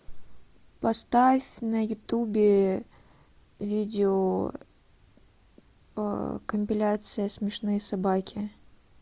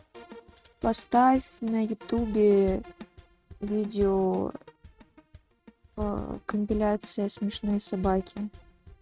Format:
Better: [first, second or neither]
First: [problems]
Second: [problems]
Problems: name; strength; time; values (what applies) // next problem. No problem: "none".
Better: first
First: none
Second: noise reduction (neural mask model RNNoise)